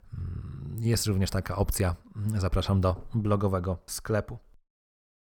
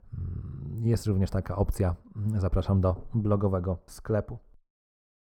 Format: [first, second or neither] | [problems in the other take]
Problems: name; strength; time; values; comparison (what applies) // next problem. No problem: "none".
first | muffled; slightly; fading above 1.5 kHz